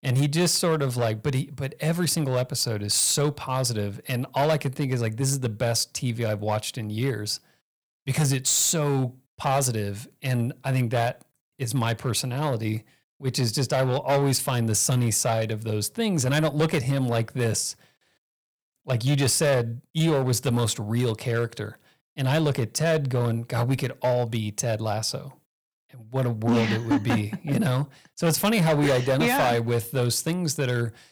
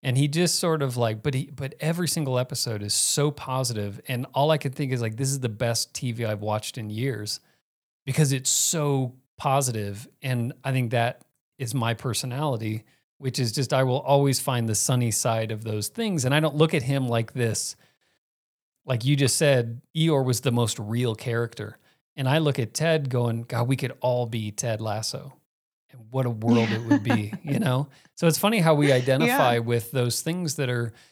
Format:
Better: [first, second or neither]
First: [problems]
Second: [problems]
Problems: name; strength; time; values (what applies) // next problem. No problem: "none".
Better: second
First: distortion; slight; 6% of the sound clipped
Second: none